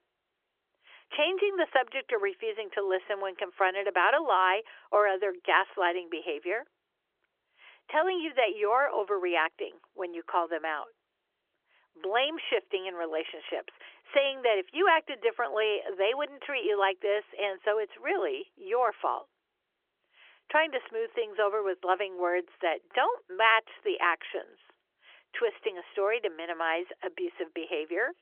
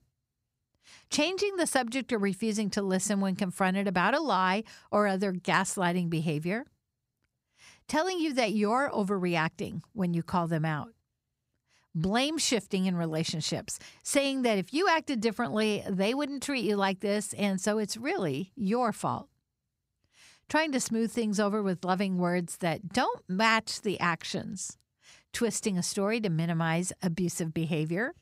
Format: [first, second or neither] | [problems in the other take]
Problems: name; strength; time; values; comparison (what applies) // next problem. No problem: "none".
second | phone-call audio; nothing above 3.5 kHz